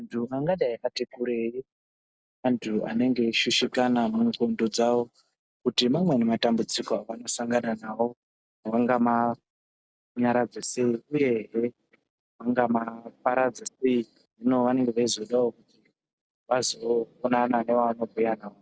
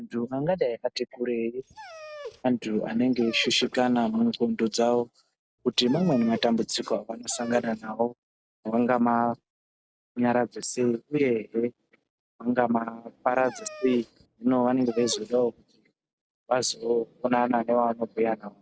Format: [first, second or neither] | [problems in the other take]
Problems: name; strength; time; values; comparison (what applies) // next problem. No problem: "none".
first | background sound (Dog); 17 dB below the speech